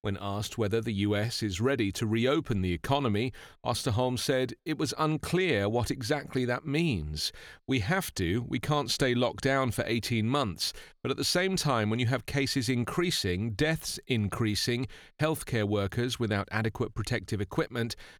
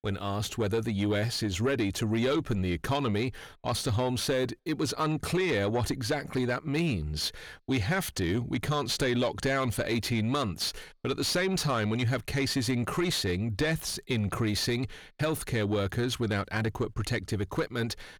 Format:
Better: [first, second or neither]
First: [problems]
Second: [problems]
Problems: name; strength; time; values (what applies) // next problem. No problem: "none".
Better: first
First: none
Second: distortion; slight; 10 dB below the speech